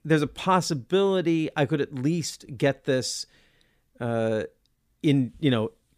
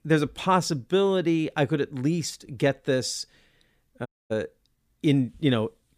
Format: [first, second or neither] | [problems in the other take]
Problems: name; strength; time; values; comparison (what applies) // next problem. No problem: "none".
first | audio cutting out; at 4 s